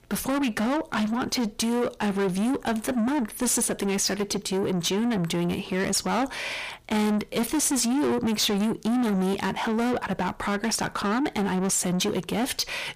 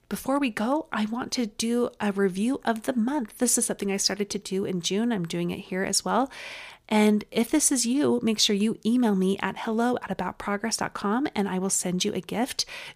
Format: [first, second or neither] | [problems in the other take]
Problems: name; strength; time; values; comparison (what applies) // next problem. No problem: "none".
second | distortion; heavy; 7 dB below the speech